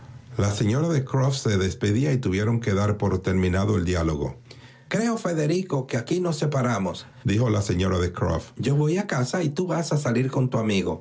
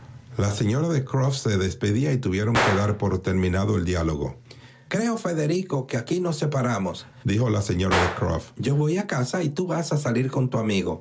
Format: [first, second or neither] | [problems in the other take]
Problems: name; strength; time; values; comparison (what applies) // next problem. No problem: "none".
first | background sound (Gunshot, gunfire); 11 dB below the speech